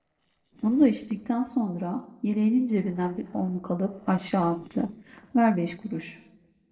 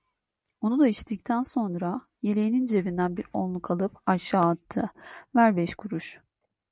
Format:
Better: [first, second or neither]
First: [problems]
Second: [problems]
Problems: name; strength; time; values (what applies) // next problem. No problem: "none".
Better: second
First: noise reduction (neural separator model SepFormer DNS4)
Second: none